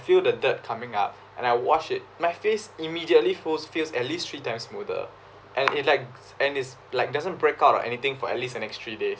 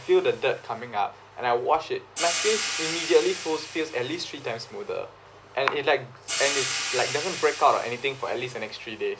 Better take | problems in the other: first | background sound (Hi-hat); 8 dB below the speech

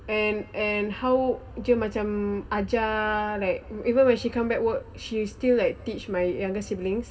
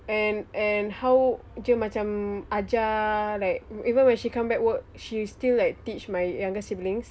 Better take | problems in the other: second | room echo; dies away in 1.5 s

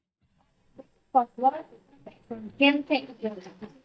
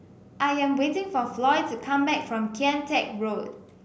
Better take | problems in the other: second | noise reduction (neural mask model DeepFilterNet 3)

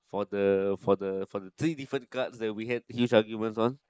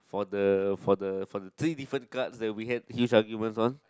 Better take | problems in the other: second | noise reduction (neural mask model Resemble Enhance denoiser)

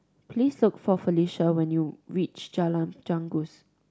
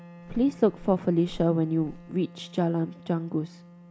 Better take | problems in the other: first | background sound (Walk, footsteps + Wind instrument, woodwind instrument); 18 dB below the speech

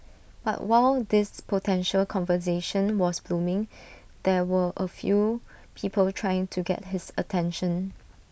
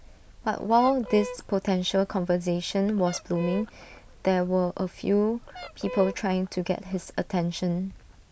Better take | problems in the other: first | background sound (Fowl); 14 dB below the speech

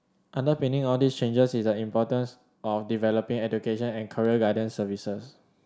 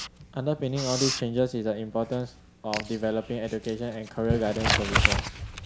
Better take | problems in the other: first | background sound (Writing); 2 dB below the speech

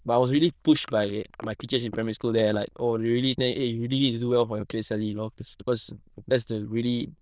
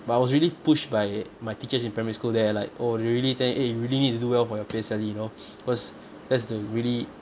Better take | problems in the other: second | noise reduction (neural diffusion model UNIVERSE++)

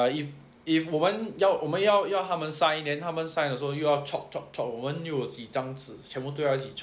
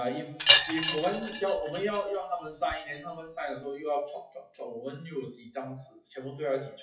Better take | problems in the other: first | noise reduction (classical method WPE with log-MMSE)

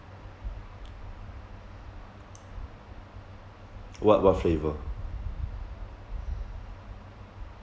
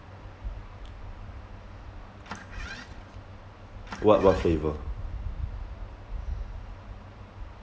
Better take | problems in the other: first | background sound (Engine starting); 15 dB below the speech

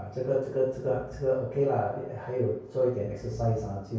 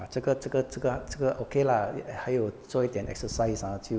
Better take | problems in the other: second | room echo; dies away in 0.6 s

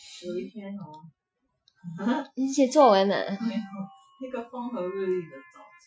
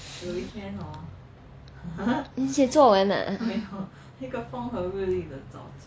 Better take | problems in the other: second | noise reduction (classical method Wiener filter)

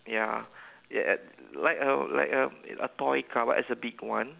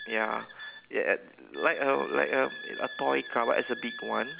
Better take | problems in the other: first | background sound (Wind instrument, woodwind instrument); 13 dB below the speech

